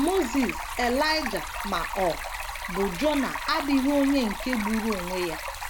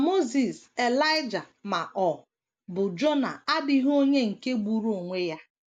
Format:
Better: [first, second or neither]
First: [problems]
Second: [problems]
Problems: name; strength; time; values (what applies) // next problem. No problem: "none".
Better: second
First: background sound (Stream); 6 dB below the speech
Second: none